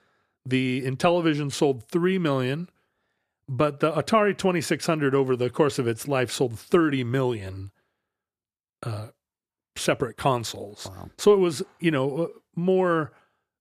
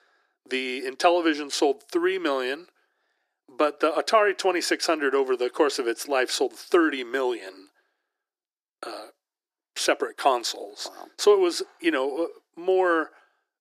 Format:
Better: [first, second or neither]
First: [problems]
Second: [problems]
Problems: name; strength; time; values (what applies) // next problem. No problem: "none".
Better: first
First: none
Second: thin; somewhat; fading below 300 Hz